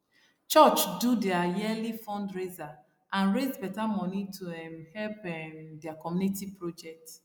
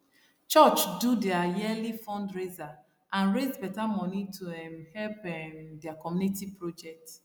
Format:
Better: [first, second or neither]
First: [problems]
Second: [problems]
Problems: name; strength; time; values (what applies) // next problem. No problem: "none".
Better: second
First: noise reduction (neural mask model Resemble Enhance denoiser)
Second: none